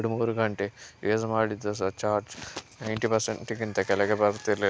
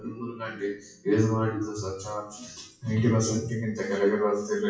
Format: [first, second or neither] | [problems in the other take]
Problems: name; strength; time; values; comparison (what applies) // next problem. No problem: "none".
first | noise reduction (classical method WPE with log-MMSE)